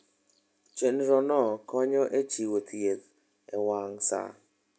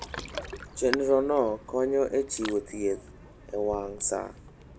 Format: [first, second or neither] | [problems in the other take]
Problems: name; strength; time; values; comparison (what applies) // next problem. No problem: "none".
first | background sound (Ocean); 12 dB below the speech